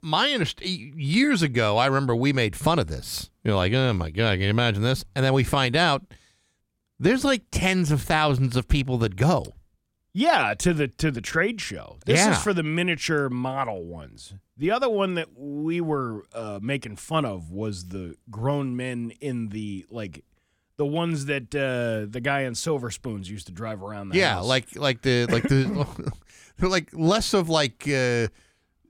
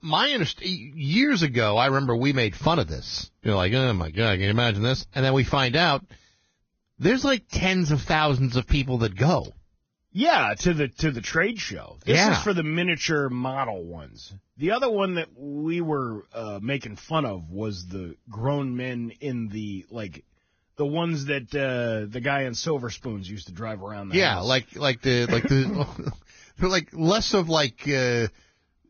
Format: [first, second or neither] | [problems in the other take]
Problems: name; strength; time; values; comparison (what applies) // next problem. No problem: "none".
first | garbled, watery; badly; nothing above 6.5 kHz